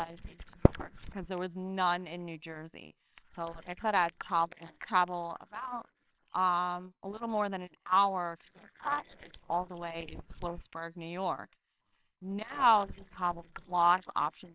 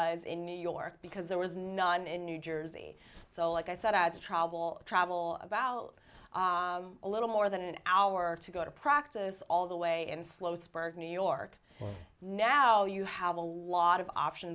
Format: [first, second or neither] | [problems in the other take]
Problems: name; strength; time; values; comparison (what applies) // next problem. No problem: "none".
second | noise reduction (neural separator model SepFormer WHAMR!)